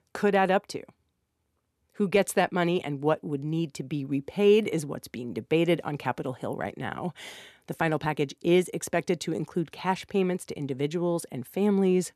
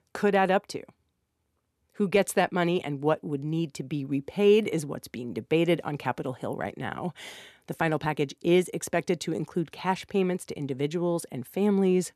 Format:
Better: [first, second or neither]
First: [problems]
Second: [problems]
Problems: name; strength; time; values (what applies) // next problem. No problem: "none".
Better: neither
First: none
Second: none